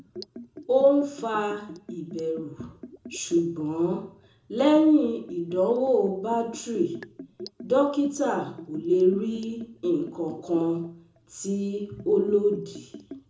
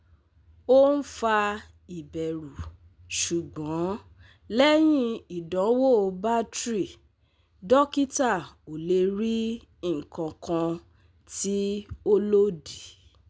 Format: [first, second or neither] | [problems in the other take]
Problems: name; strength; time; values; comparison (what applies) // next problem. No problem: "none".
second | background sound (Liquid); 18 dB below the speech // room echo; dies away in 0.5 s